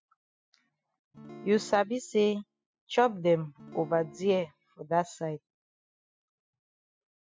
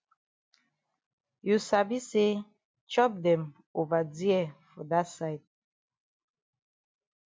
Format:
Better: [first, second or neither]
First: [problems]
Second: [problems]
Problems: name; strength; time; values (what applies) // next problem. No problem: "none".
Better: second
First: noise reduction (classical method spectral subtraction)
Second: none